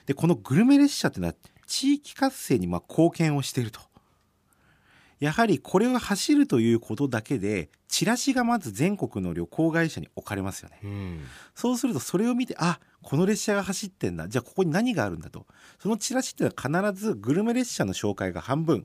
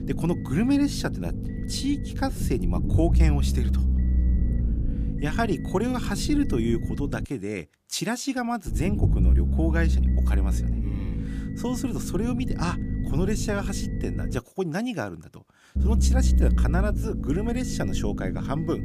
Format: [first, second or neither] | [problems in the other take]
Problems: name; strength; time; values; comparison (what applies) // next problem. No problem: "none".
first | low rumble; loud; until 7.5 s, from 8.5 to 14 s and from 16 s on; 8 dB below the speech